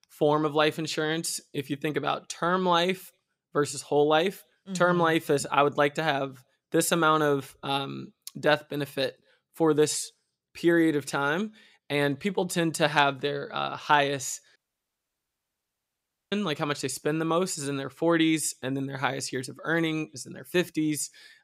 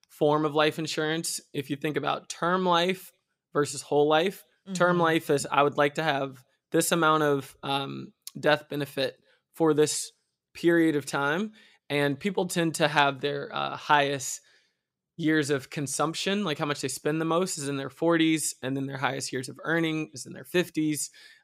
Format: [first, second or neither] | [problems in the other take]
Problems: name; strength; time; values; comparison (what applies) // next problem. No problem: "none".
second | audio cutting out; at 15 s for 2 s